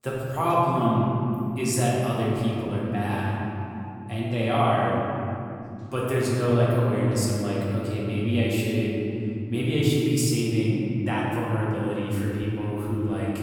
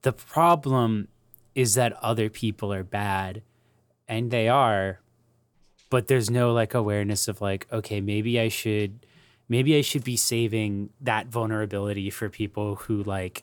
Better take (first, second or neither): second